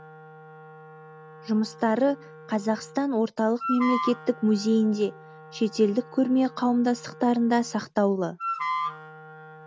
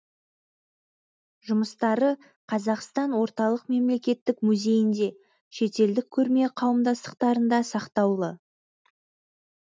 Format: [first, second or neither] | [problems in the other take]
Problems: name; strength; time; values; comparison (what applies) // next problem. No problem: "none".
second | background sound (Wind instrument, woodwind instrument); 11 dB below the speech